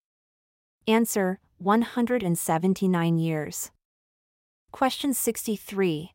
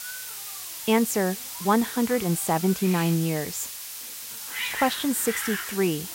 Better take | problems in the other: first | hiss; loud; throughout; 7 dB below the speech

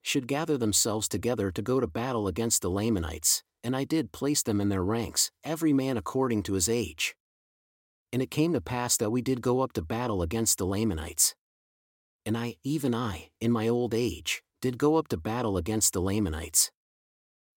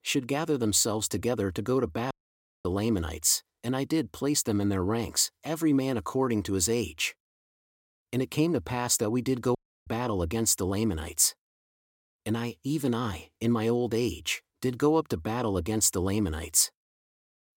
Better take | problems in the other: first | audio cutting out; at 2 s for 0.5 s and at 9.5 s

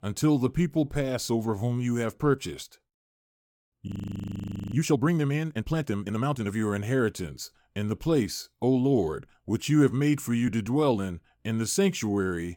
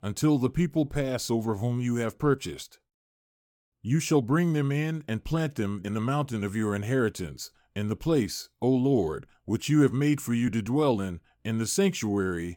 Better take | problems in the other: second | audio freezing; at 4 s for 1 s

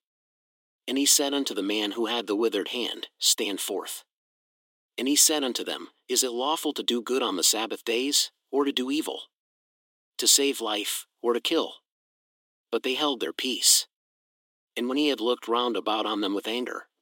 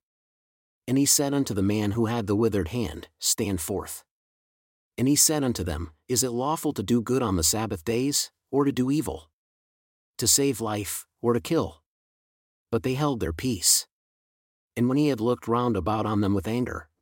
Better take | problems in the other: second | thin; very slightly; fading below 300 Hz

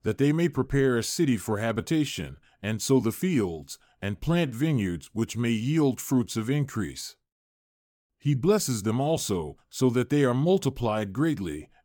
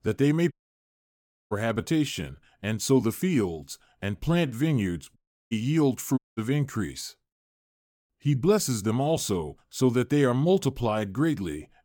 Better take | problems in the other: first | audio cutting out; at 0.5 s for 1 s, at 5 s and at 6 s

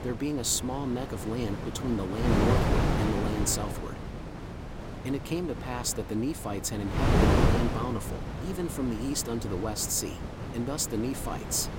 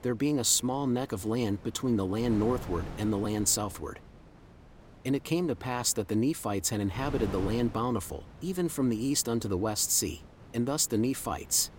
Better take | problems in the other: second | wind noise on the microphone; heavy; 2 dB below the speech; occasional gusts in the second

